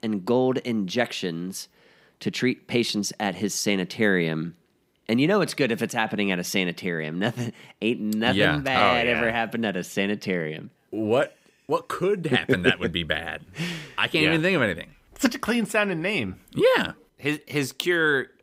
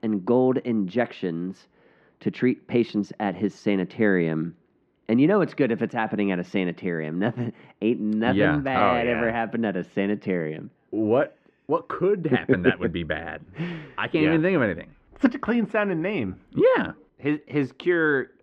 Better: first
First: none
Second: muffled; very; fading above 1.5 kHz

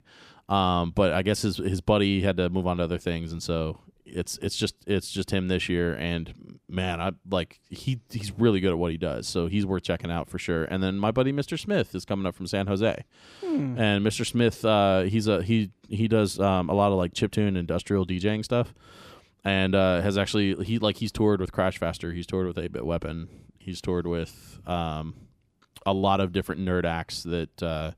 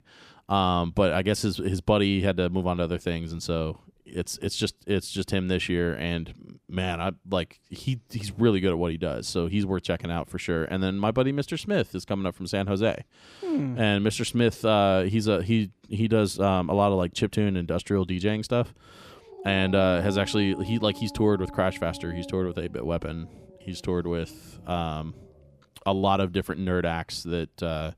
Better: first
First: none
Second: dog barking; faint; from 19 to 26 s; peak 10 dB below the speech

